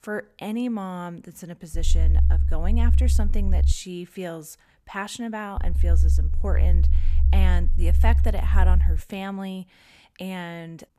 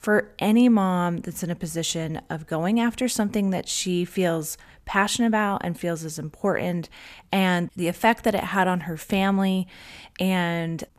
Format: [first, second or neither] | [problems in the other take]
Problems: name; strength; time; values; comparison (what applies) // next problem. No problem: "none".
second | low rumble; loud; from 1.5 to 3.5 s and from 5.5 to 9 s; 8 dB below the speech